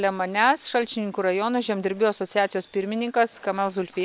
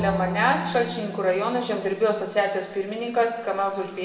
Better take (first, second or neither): first